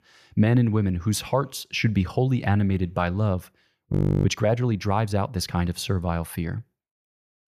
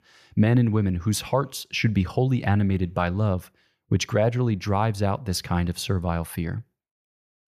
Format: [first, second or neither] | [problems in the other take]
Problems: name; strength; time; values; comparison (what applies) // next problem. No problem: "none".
second | audio freezing; at 4 s